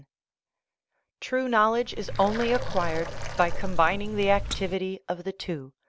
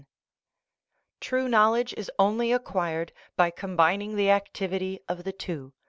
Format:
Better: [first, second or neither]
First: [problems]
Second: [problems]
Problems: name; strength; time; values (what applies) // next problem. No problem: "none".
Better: second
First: background sound (Water); 2 dB below the speech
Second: none